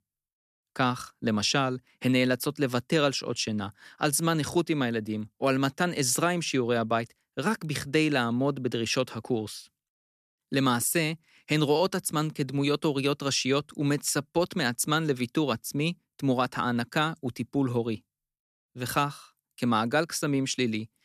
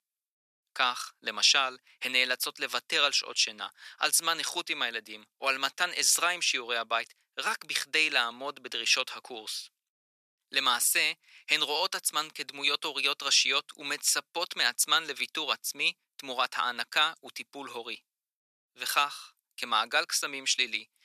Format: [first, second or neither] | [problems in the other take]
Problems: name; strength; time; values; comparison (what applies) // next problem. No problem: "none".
first | thin; very; fading below 950 Hz